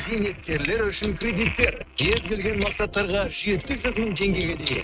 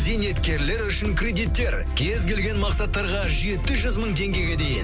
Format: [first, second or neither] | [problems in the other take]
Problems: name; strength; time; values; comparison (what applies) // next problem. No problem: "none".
second | noise reduction (neural mask model RNNoise)